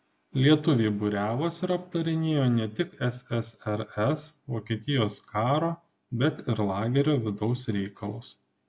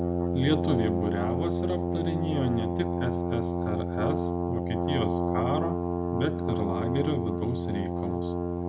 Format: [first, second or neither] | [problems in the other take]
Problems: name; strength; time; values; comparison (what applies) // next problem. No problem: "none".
first | background sound (Brass instrument); 3 dB above the speech